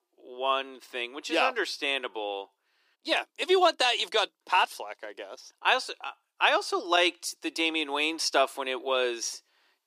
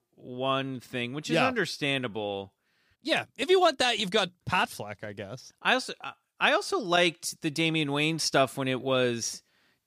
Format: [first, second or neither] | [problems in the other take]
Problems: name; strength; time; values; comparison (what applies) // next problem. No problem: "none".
second | thin; very; fading below 350 Hz